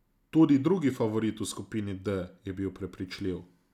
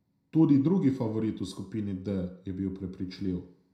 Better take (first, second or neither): first